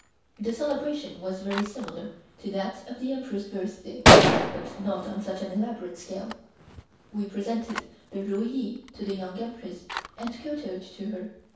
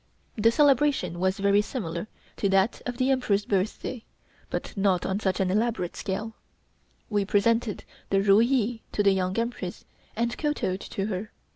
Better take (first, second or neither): second